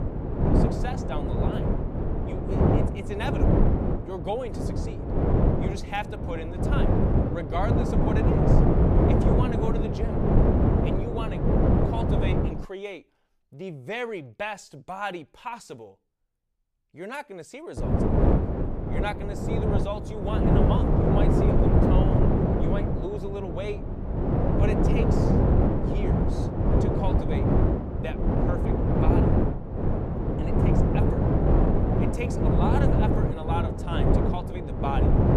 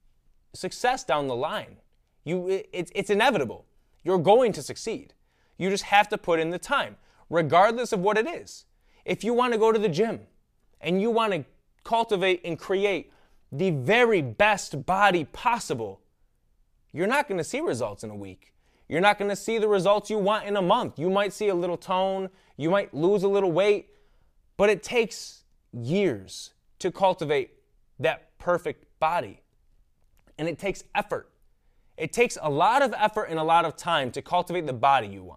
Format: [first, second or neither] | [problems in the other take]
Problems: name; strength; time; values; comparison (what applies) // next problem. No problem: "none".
second | wind noise on the microphone; heavy; until 13 s and from 18 s on; 5 dB above the speech